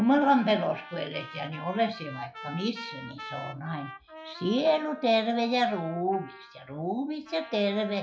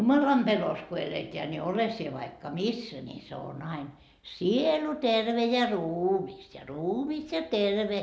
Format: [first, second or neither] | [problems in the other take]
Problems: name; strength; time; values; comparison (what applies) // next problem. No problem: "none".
second | noise reduction (classical method WPE with log-MMSE)